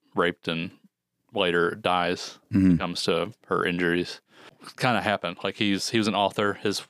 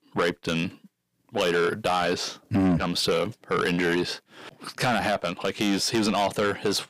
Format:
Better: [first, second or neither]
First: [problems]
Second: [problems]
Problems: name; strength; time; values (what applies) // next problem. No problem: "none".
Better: first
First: none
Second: distortion; heavy; 7 dB below the speech